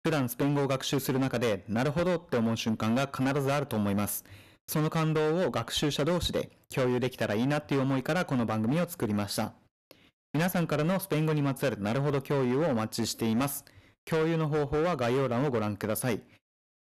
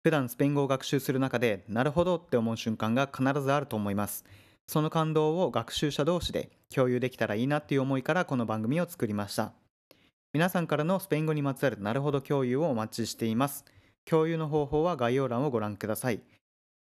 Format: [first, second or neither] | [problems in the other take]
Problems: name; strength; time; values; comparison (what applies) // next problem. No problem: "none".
second | distortion; heavy; 18% of the sound clipped